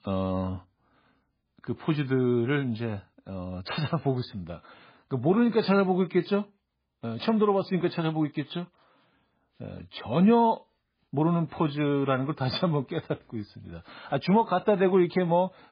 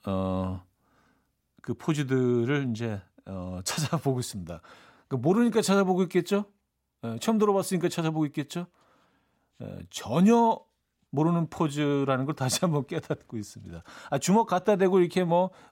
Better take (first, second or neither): second